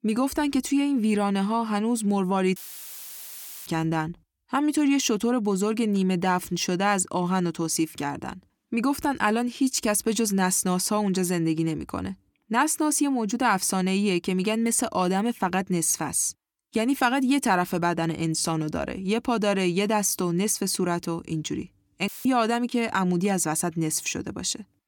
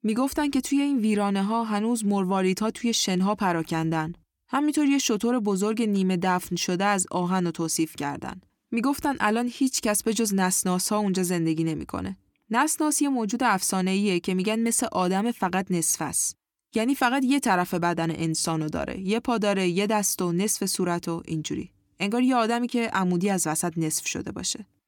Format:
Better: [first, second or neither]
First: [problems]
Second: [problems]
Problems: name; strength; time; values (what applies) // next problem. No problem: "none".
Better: second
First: audio cutting out; filled with static; at 2.5 s for 1 s and at 22 s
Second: none